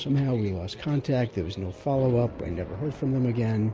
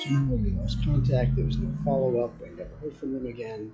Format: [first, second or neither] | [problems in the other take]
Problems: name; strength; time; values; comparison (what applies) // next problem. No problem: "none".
first | noise reduction (classical method log-MMSE)